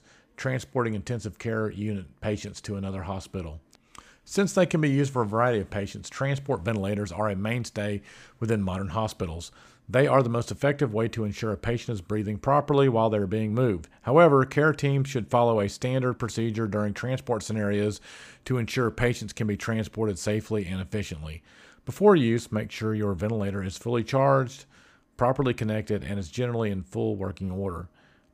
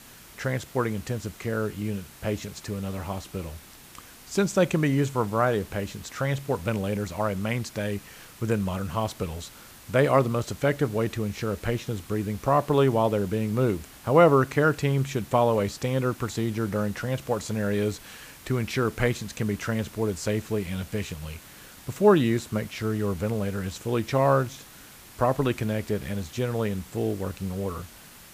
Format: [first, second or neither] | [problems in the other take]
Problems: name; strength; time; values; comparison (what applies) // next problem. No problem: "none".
first | hiss; noticeable; throughout; 20 dB below the speech